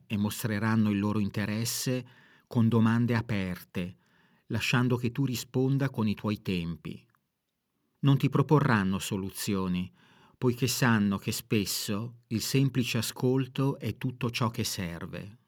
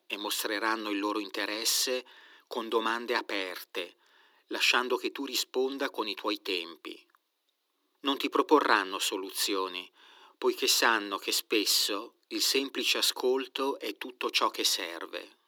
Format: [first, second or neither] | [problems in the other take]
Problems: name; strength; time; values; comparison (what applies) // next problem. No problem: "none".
first | thin; very; fading below 300 Hz